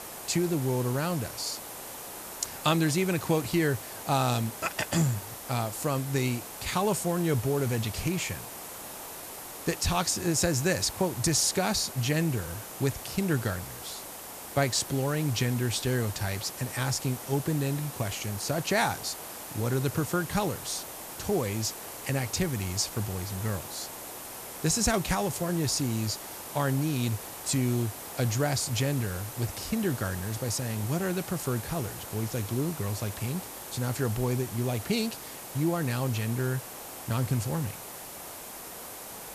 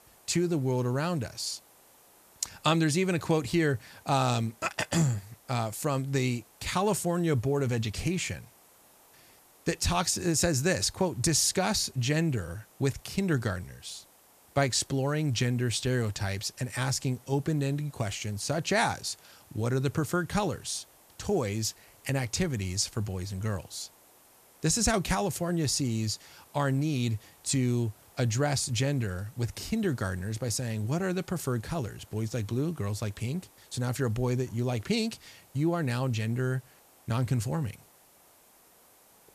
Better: second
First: hiss; loud; throughout; 9 dB below the speech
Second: hiss; faint; throughout; 25 dB below the speech

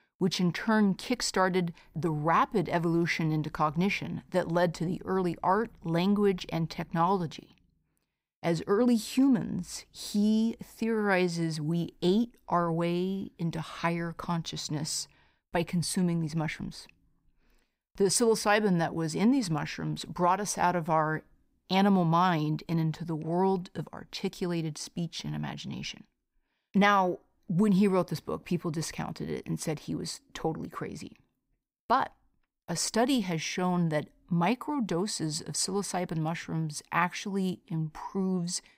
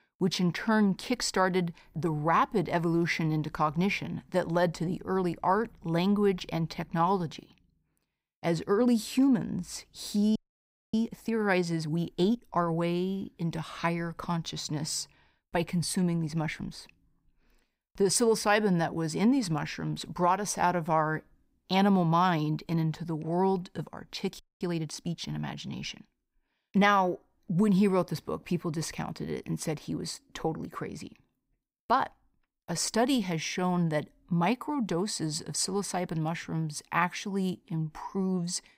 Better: first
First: none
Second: audio freezing; at 10 s for 0.5 s and at 24 s

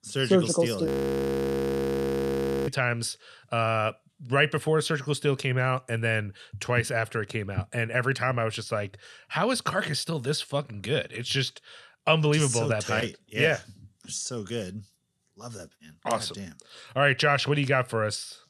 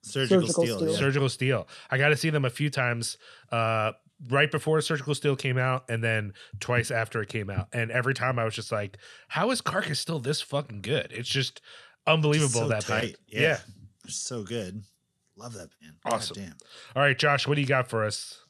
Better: second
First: audio freezing; at 1 s for 2 s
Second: none

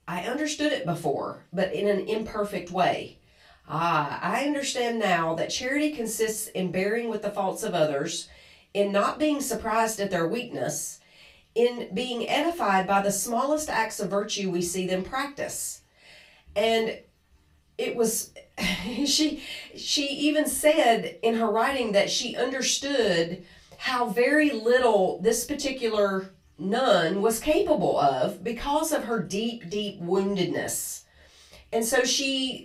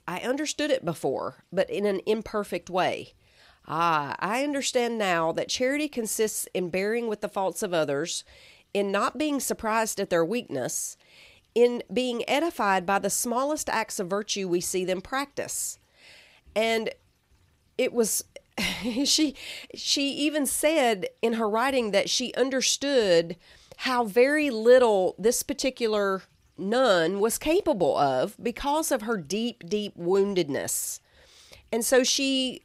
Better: second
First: off-mic speech; far // room echo; very slight; dies away in 0.2 s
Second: none

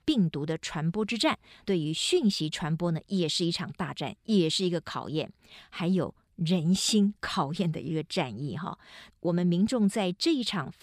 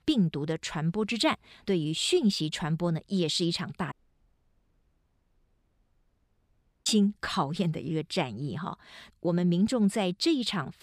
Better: first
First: none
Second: audio cutting out; at 4 s for 3 s

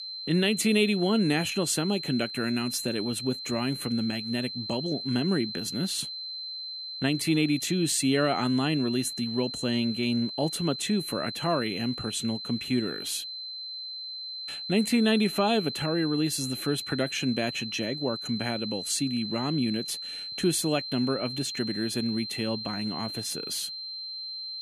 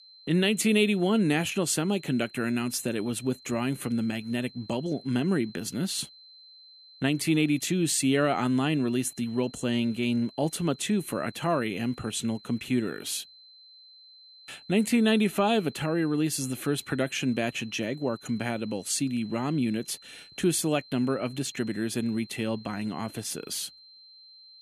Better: second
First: high-pitched whine; loud; throughout; 4 kHz, 6 dB below the speech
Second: high-pitched whine; faint; throughout; 4 kHz, 20 dB below the speech

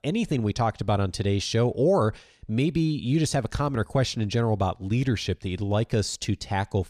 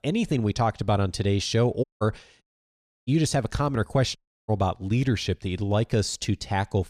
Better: first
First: none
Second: audio cutting out; at 2 s, at 2.5 s for 0.5 s and at 4 s

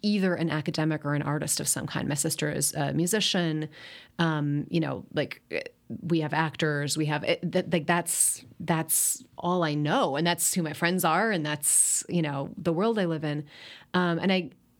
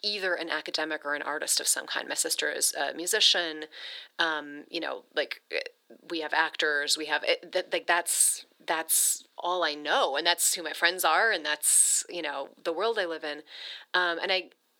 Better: first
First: none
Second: thin; very; fading below 400 Hz

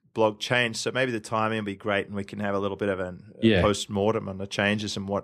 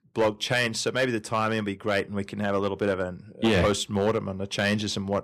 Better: first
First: none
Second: distortion; slight; 4% of the sound clipped

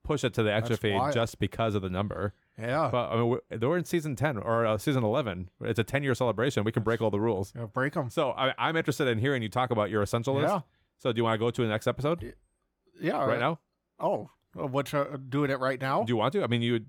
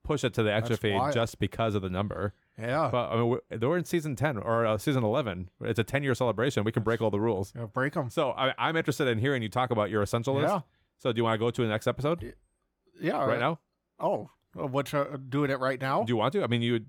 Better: neither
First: none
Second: none

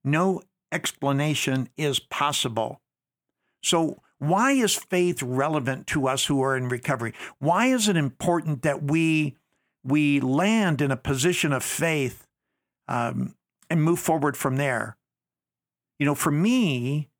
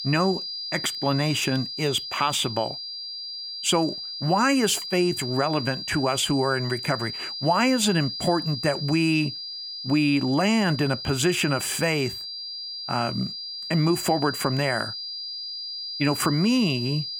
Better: first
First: none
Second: high-pitched whine; loud; throughout; 5 kHz, 7 dB below the speech

